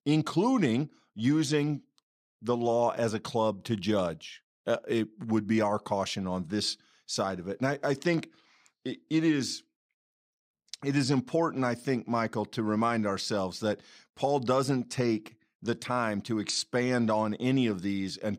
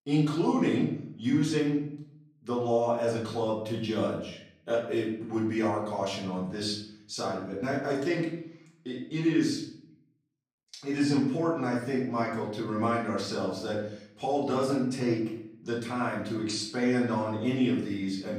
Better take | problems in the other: first | off-mic speech; far // room echo; noticeable; dies away in 0.6 s

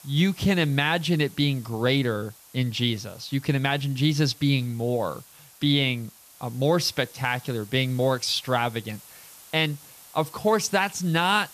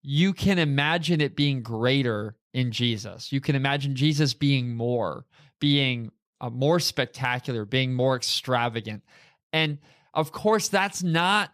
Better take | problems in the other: second | hiss; faint; throughout; 20 dB below the speech

